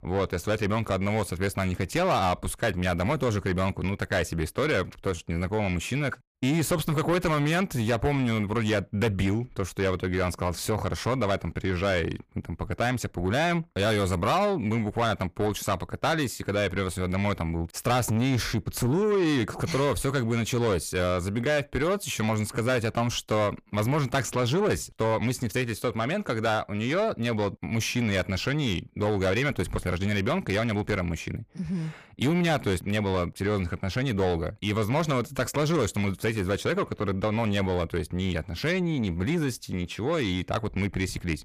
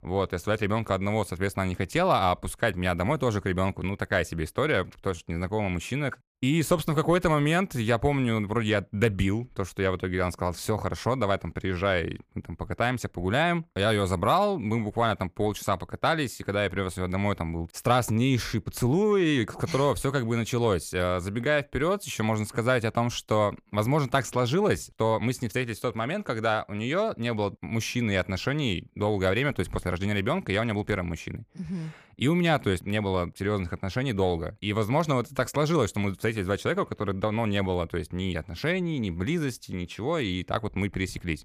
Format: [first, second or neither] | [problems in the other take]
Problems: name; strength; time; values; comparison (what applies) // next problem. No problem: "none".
second | distortion; slight; 10 dB below the speech